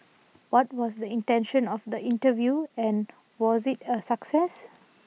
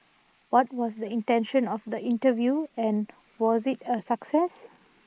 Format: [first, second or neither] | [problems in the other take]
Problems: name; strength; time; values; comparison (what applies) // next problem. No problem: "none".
first | noise reduction (neural mask model Resemble Enhance denoiser)